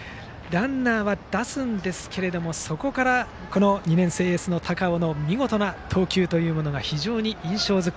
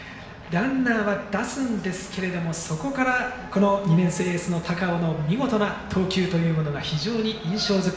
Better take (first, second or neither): first